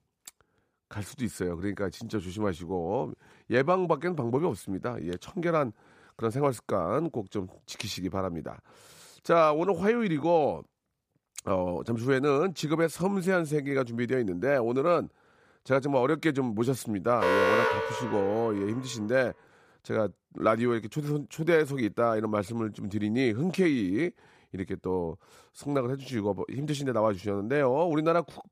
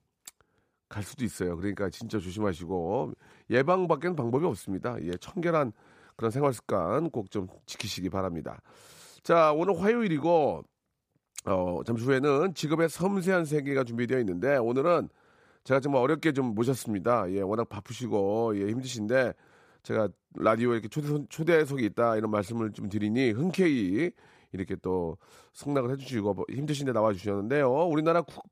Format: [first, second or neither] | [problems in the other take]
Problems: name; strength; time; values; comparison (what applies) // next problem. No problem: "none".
second | alarm; loud; from 17 to 19 s; peak 5 dB above the speech